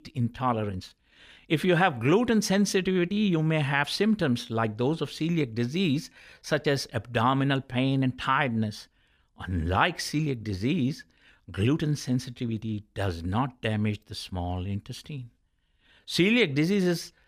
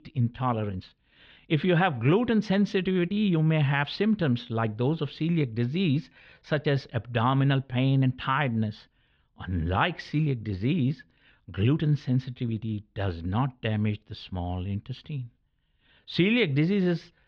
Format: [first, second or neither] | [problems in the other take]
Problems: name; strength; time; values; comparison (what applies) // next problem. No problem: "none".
first | muffled; slightly; fading above 3.5 kHz